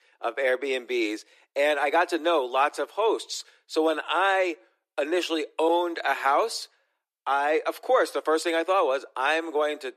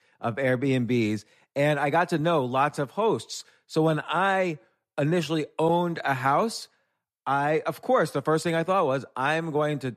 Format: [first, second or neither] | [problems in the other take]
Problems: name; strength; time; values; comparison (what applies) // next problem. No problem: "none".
second | thin; very; fading below 350 Hz